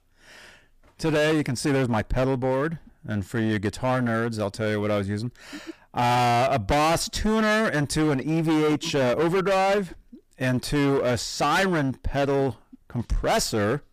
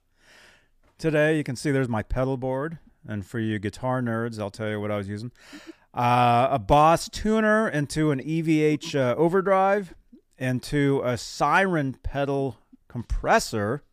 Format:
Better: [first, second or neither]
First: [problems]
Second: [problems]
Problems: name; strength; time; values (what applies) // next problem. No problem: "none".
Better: second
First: distortion; heavy; 20% of the sound clipped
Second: none